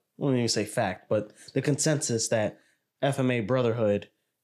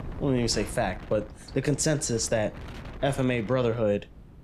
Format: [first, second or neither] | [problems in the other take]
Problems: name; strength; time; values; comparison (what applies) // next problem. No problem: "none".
first | wind noise on the microphone; occasional gusts; 20 dB below the speech